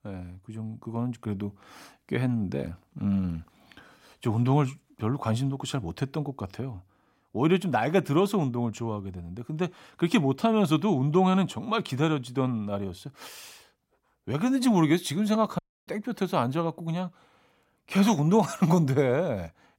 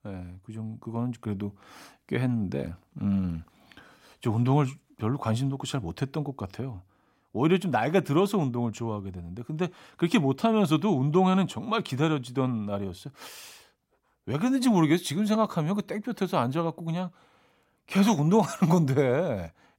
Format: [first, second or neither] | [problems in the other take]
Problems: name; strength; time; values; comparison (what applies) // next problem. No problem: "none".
second | audio cutting out; at 16 s